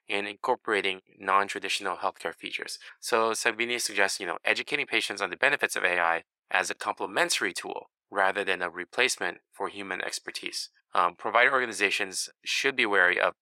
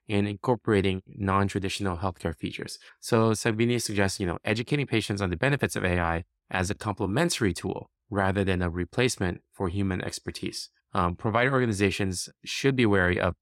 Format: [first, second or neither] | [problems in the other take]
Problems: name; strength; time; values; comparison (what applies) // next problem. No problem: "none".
second | thin; very; fading below 650 Hz